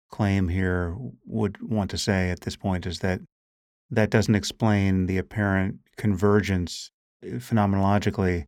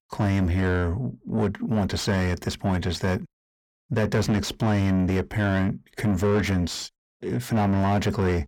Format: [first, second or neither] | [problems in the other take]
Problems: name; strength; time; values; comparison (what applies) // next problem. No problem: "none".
first | distortion; heavy; 7 dB below the speech